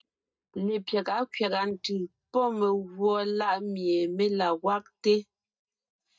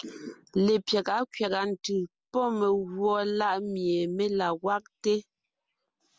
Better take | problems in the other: second | noise reduction (neural mask model DeepFilterNet 3)

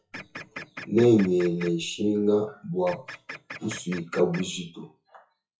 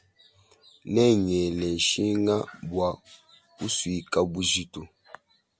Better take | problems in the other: second | noise reduction (classical method WPE with log-MMSE)

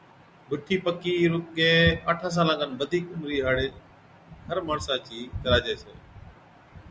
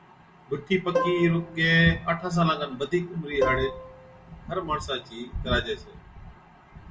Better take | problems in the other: first | background sound (Plucked string instrument); 5 dB below the speech // room echo; dies away in 0.2 s

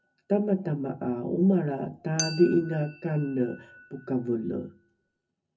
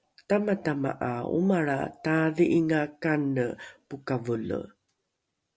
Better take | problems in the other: second | background sound (Chink, clink); 16 dB below the speech // room echo; dies away in 0.3 s

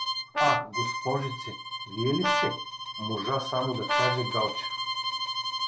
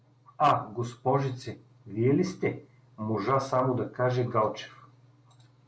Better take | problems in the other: second | background sound (Bowed string instrument + Brass instrument); 1 dB above the speech

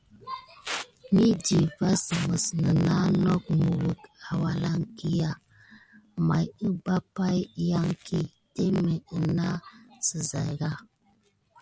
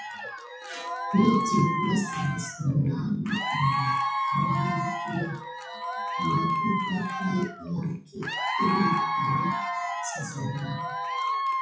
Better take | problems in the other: first | noise reduction (classical method WPE with log-MMSE)

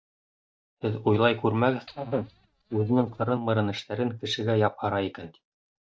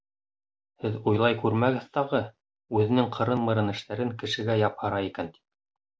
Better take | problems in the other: second | noise reduction (neural mask model DeepFilterNet 3)

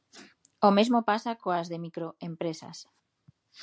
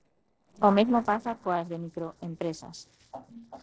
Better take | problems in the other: first | noise reduction (neural separator model SepFormer DNS4)

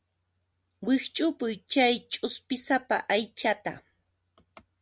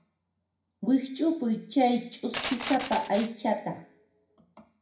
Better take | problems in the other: first | background sound (Glass); 9 dB below the speech // room echo; dies away in 0.5 s

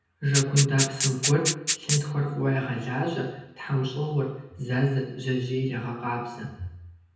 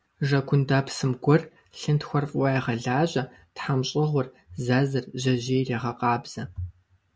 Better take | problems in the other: second | background sound (Rattle (instrument)); 1 dB below the speech // room echo; dies away in 0.9 s

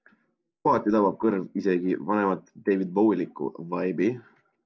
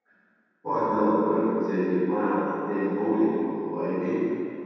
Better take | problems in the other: first | room echo; dies away in 2.2 s

